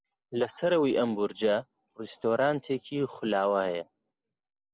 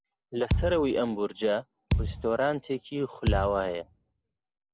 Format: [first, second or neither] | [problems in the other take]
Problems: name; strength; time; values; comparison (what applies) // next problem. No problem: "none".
first | background sound (Thump, thud); 3 dB below the speech